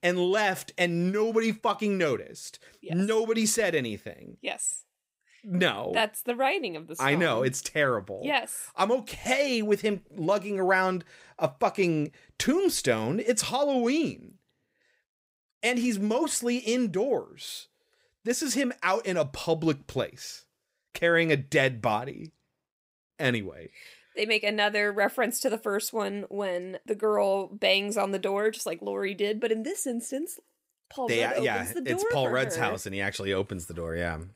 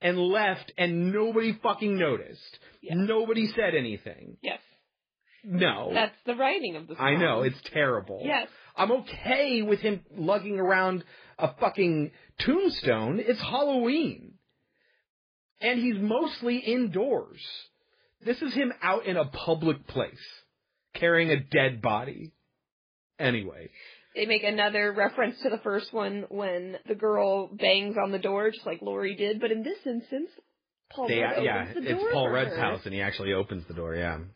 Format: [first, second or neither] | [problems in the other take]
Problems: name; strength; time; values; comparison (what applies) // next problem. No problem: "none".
first | garbled, watery; badly; nothing above 4 kHz